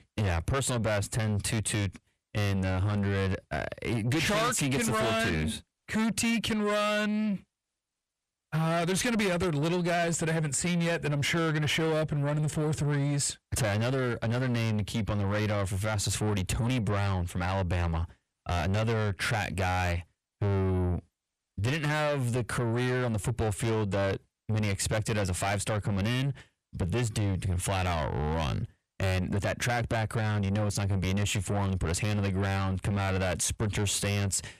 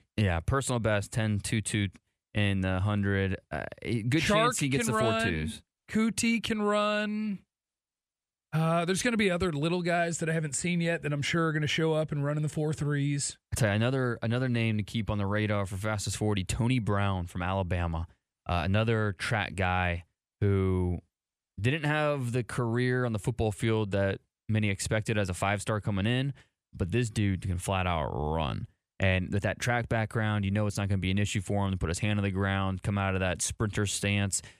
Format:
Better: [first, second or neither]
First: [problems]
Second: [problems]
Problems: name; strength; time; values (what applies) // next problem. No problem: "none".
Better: second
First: distortion; heavy; 8 dB below the speech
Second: none